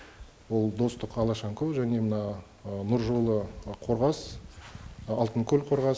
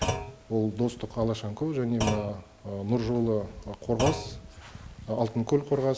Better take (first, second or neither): first